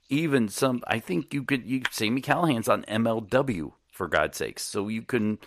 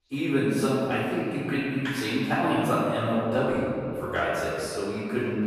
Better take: first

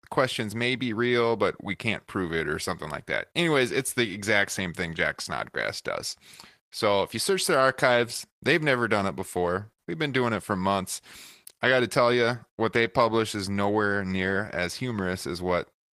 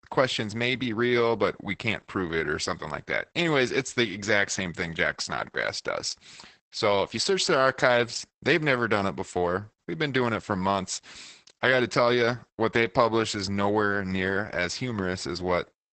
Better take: first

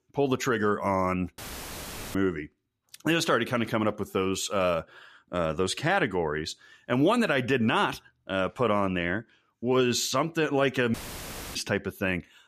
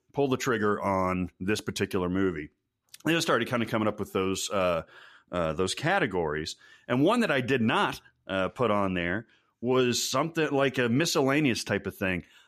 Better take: second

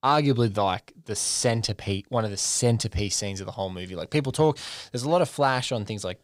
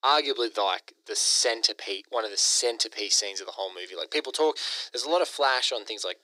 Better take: first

